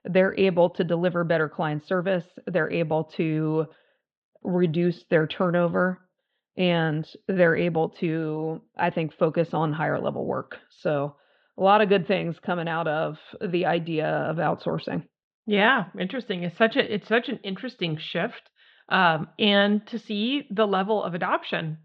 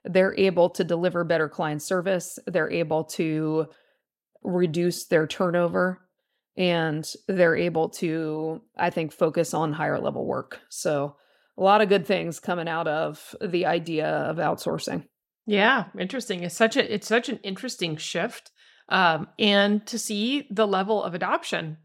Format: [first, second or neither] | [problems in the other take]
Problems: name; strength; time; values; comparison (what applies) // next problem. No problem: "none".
second | muffled; slightly; fading above 3.5 kHz